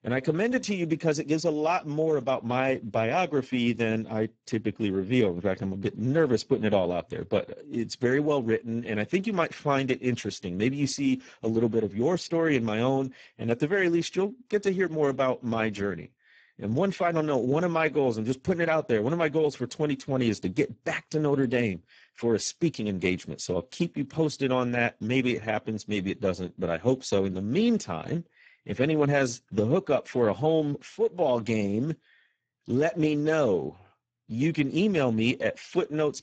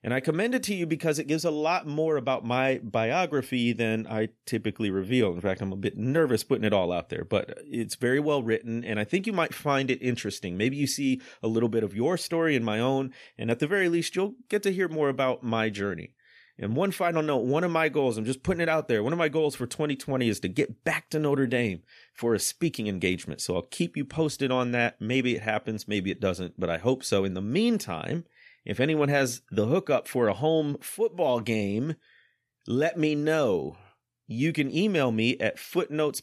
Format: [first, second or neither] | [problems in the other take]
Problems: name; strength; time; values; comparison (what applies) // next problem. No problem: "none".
second | garbled, watery; badly; nothing above 7.5 kHz